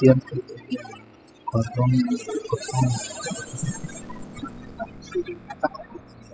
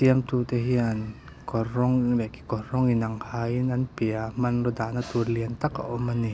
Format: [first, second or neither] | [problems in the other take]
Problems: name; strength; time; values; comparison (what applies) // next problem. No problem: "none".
second | noise reduction (classical method spectral subtraction)